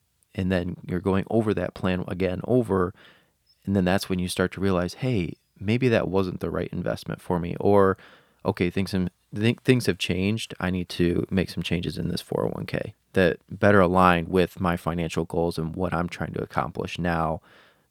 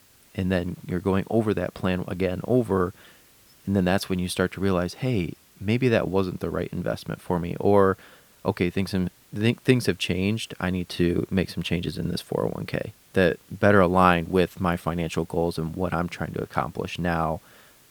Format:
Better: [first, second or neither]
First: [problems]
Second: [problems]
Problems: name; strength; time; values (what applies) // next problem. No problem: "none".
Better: first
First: none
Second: hiss; faint; throughout; 30 dB below the speech